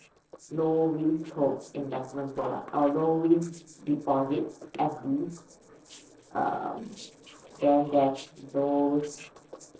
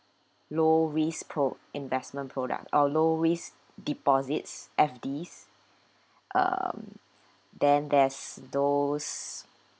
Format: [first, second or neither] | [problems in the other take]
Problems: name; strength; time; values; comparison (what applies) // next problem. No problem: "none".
second | noise reduction (neural separator model SepFormer DNS4)